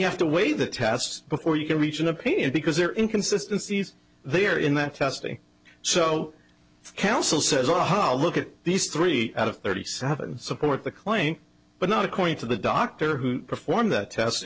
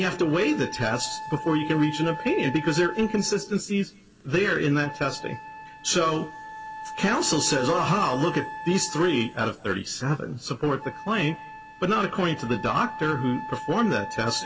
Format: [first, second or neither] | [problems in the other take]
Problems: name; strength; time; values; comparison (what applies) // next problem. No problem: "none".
first | background sound (Wind instrument, woodwind instrument); 13 dB below the speech // room echo; dies away in 1.5 s